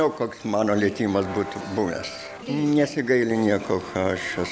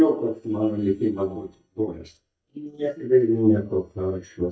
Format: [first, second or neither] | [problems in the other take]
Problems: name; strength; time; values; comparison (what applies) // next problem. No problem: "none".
first | noise reduction (neural mask model DeepFilterNet 3)